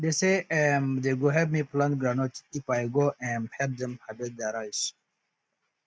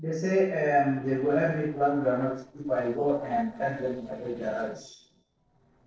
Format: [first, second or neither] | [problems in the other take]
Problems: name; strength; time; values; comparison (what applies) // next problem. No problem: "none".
first | noise reduction (neural separator model SepFormer DNS4)